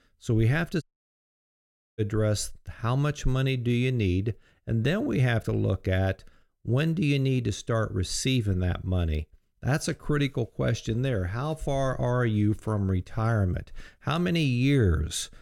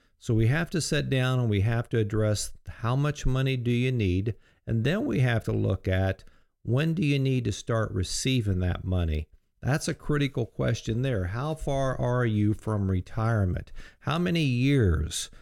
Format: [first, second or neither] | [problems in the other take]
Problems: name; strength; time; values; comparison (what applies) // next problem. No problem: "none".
second | audio cutting out; at 1 s for 1 s